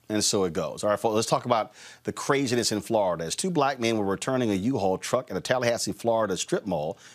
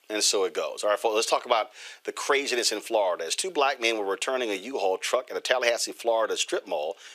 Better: first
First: none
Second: thin; very; fading below 400 Hz

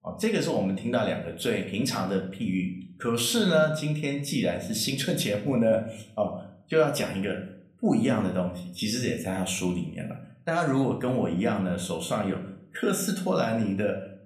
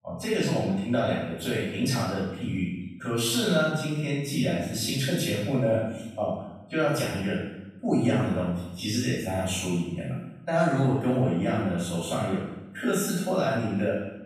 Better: first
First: room echo; slight; dies away in 0.4 s // off-mic speech; somewhat distant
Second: room echo; strong; dies away in 0.8 s // off-mic speech; far

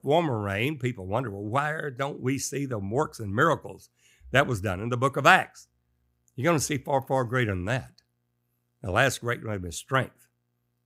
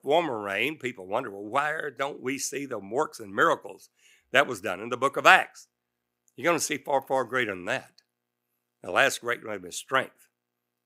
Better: first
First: none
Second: thin; somewhat; fading below 300 Hz

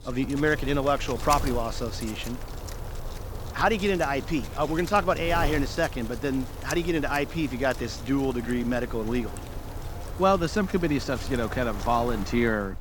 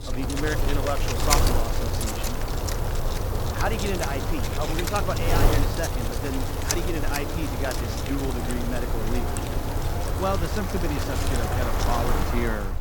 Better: first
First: wind noise on the microphone; occasional gusts; 15 dB below the speech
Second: wind noise on the microphone; heavy; 1 dB above the speech

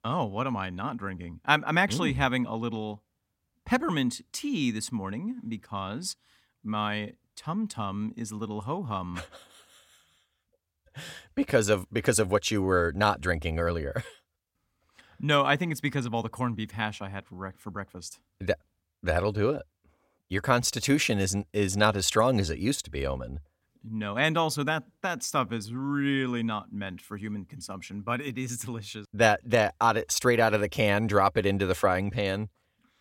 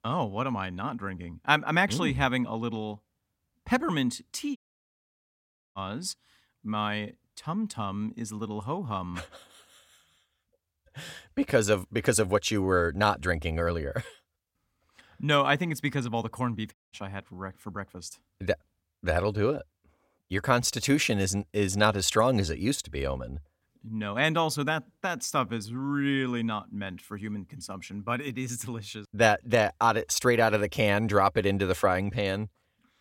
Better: first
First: none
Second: audio cutting out; at 4.5 s for 1 s and at 17 s

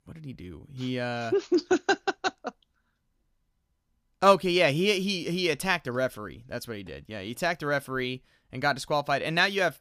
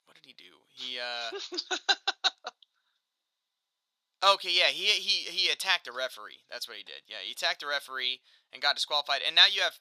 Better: first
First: none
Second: thin; very; fading below 800 Hz

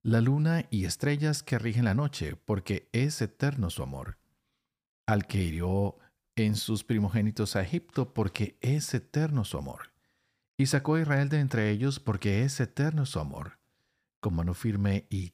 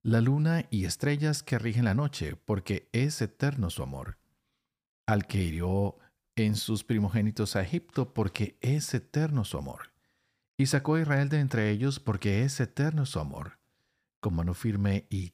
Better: neither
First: none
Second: none

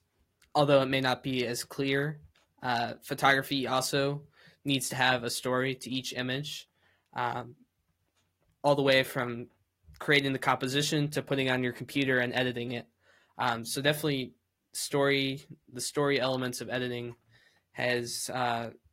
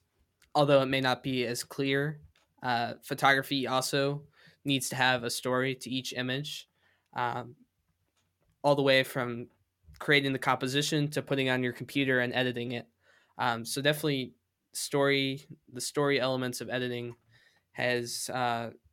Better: second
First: garbled, watery; slightly; nothing above 15 kHz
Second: none

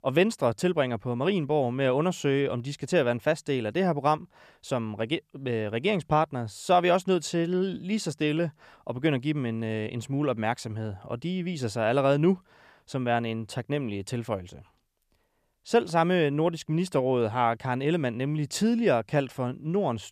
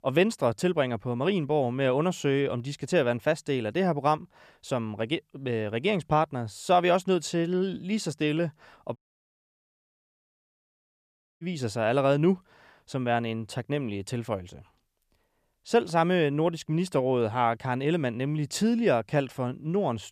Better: first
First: none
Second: audio cutting out; at 9 s for 2.5 s

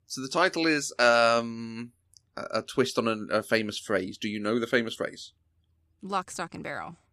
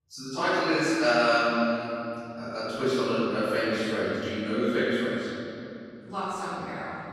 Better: first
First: none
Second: off-mic speech; far // room echo; strong; dies away in 2.9 s

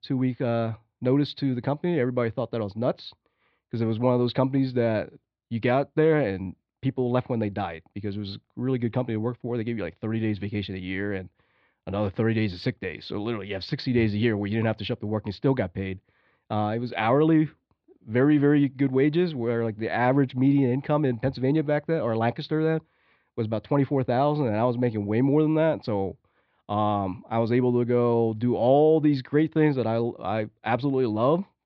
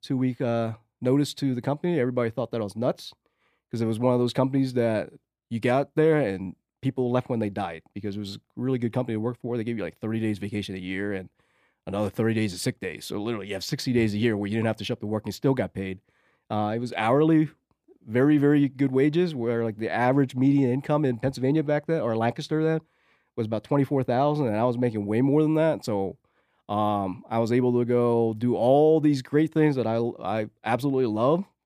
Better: second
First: muffled; very slightly; fading above 4.5 kHz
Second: none

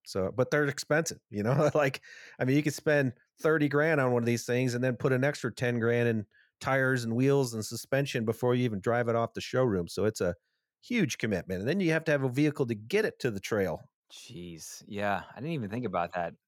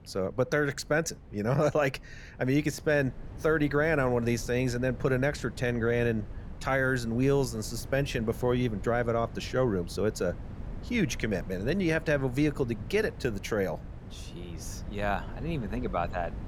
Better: first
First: none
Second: wind noise on the microphone; occasional gusts; 20 dB below the speech

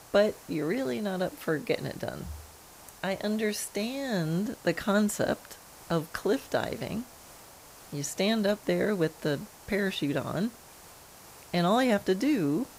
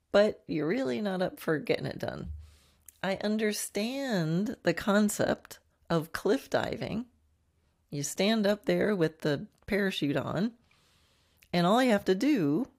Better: second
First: hiss; noticeable; throughout; 20 dB below the speech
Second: none

